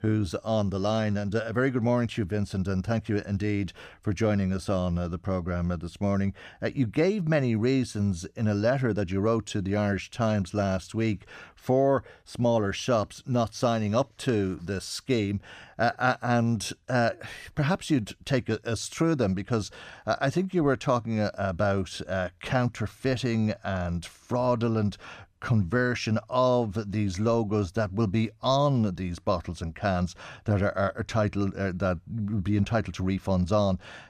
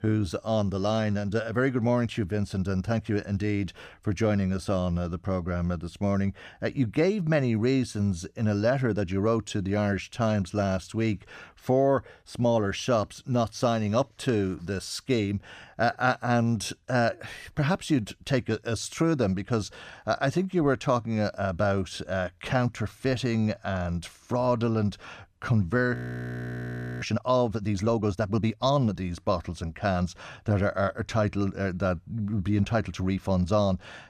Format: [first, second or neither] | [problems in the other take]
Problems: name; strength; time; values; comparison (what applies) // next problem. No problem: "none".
first | audio freezing; at 26 s for 1 s